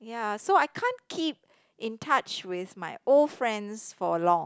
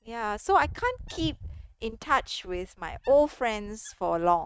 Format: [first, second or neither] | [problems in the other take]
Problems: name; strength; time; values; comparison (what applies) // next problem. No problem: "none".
first | noise reduction (neural mask model RNNoise)